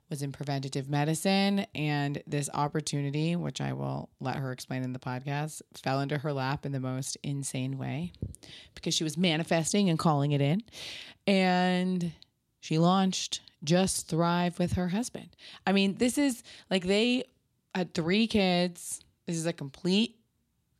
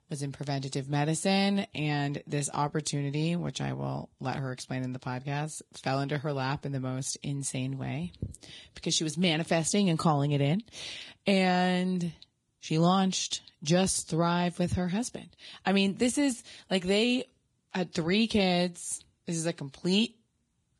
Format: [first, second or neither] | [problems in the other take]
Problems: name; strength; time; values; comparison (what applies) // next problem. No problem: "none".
first | garbled, watery; badly; nothing above 10.5 kHz